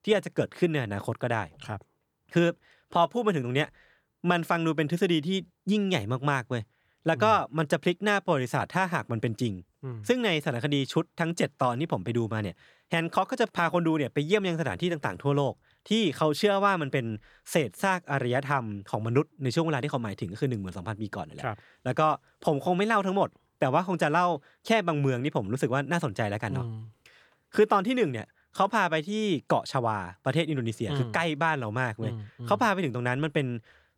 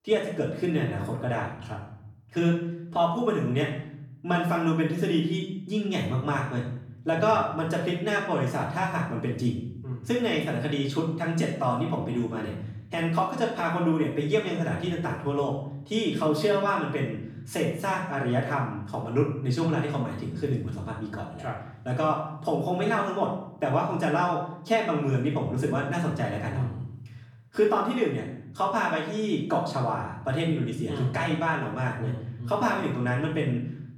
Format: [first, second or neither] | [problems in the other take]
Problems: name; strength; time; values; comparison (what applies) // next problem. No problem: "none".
first | off-mic speech; far // room echo; noticeable; dies away in 0.8 s